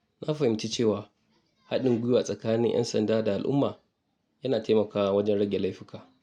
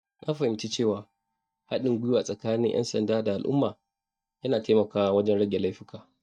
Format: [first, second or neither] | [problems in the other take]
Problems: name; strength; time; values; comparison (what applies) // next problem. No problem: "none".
first | noise reduction (neural mask model DeepFilterNet 3)